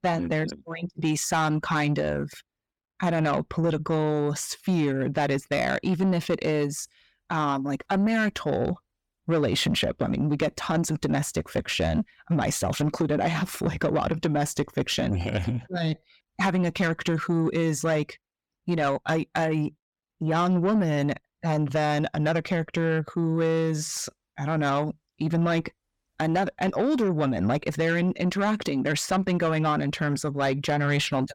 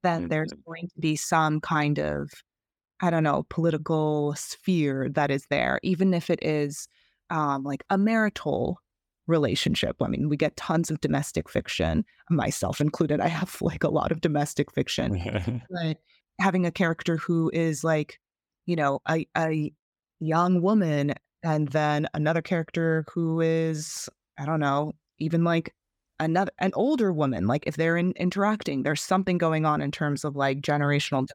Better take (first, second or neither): second